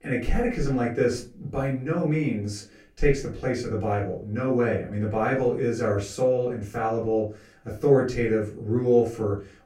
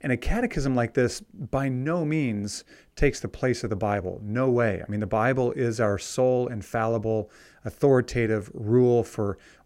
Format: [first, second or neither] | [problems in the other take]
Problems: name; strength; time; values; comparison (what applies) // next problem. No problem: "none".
second | off-mic speech; far // room echo; slight; dies away in 0.3 s